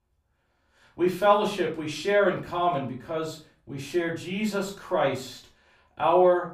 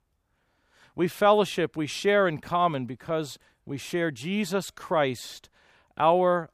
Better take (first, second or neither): second